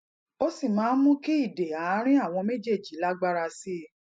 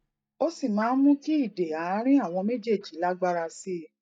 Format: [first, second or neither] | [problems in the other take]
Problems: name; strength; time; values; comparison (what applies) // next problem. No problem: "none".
first | noise reduction (neural mask model DeepFilterNet 3)